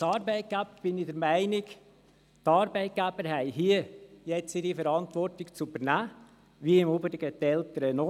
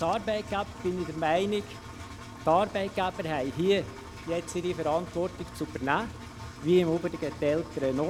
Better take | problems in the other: first | background sound (Engine); 13 dB below the speech

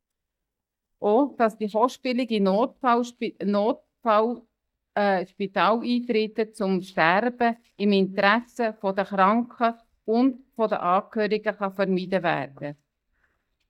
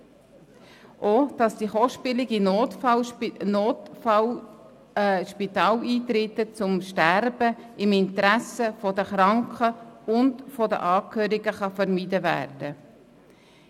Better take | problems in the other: second | noise reduction (neural mask model DeepFilterNet 3)

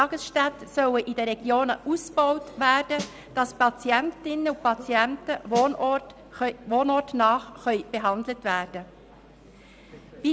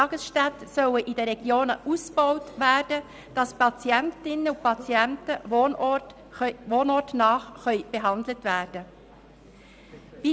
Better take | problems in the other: second | background sound (Snare drum); 14 dB below the speech

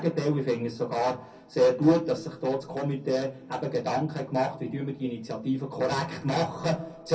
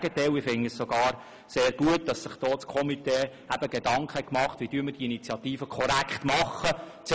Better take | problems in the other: second | room echo; dies away in 0.3 s

